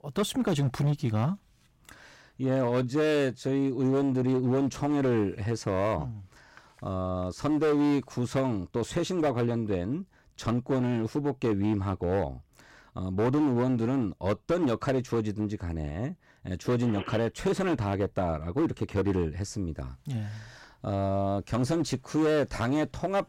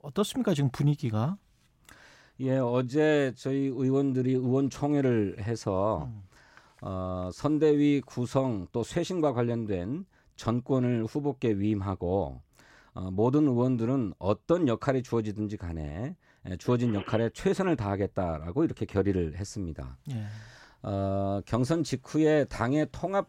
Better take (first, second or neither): second